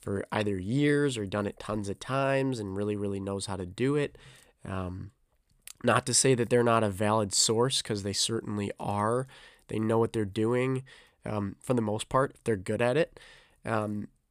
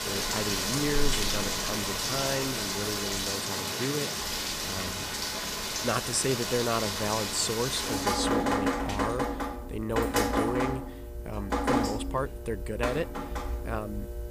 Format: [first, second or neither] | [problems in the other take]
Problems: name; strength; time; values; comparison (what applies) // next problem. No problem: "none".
first | rain or running water; very loud; throughout; 3 dB above the speech